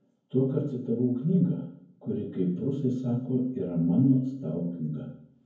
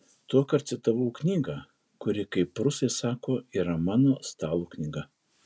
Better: second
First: room echo; dies away in 0.9 s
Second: none

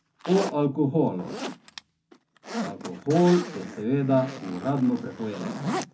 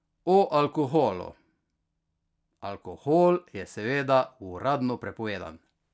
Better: second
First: background sound (Zipper (clothing)); 9 dB below the speech // room echo; dies away in 0.3 s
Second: none

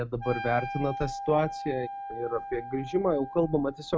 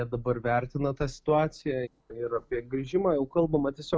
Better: second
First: background sound (Wind instrument, woodwind instrument); 9 dB below the speech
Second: none

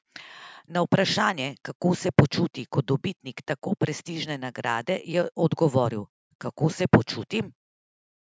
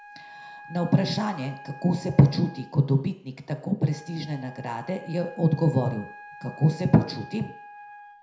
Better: first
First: none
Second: background sound (Wind instrument, woodwind instrument); 20 dB below the speech // room echo; dies away in 0.4 s

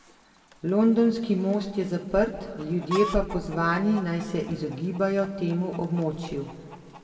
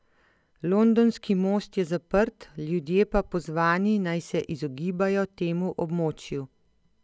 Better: second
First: background sound (Chicken, rooster); 16 dB below the speech // room echo; dies away in 1.9 s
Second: none

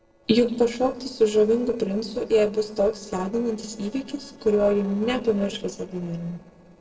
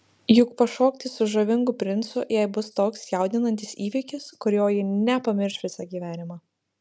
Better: second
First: noise reduction (neural separator model SepFormer DNS4)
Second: none

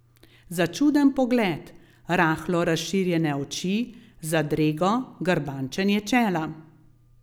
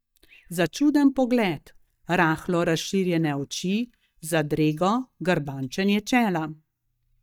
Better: first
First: none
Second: noise reduction (neural mask model DeepFilterNet 3)

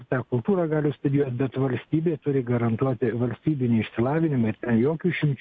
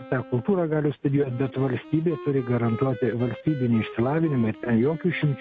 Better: first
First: none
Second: background sound (Wind instrument, woodwind instrument); 17 dB below the speech

